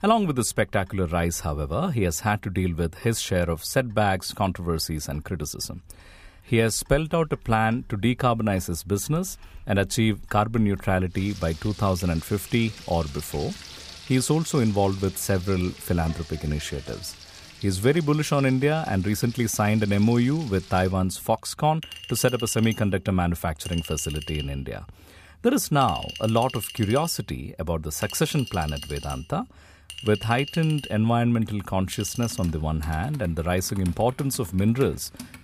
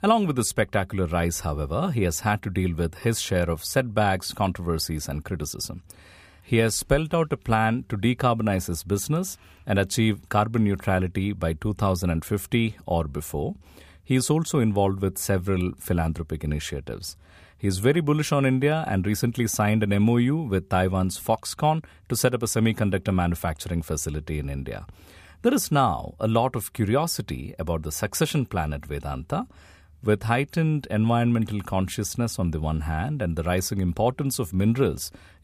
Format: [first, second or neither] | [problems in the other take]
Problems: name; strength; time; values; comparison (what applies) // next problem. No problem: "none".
second | household noises; noticeable; throughout; 15 dB below the speech